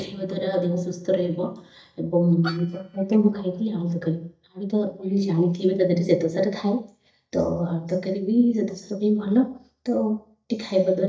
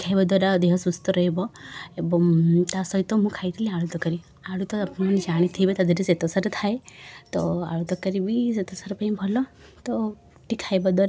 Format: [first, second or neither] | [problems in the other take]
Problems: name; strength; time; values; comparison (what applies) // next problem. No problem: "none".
second | noise reduction (neural mask model DeepFilterNet 3)